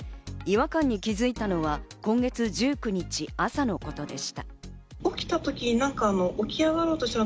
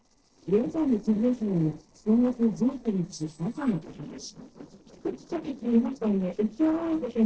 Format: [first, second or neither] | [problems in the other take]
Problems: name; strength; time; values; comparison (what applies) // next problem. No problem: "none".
first | noise reduction (neural separator model SepFormer DNS4)